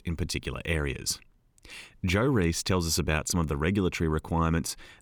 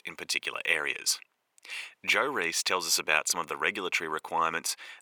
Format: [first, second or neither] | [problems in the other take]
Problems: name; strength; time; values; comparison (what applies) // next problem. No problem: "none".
first | thin; very; fading below 750 Hz